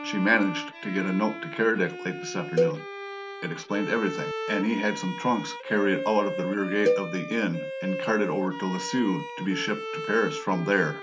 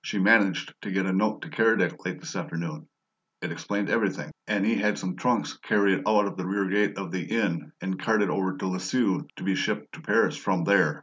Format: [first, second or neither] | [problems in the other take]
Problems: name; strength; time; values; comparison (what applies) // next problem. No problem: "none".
second | background sound (Cowbell + Bowed string instrument); 5 dB below the speech